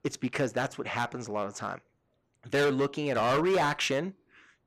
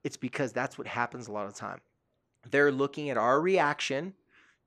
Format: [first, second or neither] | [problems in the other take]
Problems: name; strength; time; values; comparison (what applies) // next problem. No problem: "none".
second | distortion; heavy; 8% of the sound clipped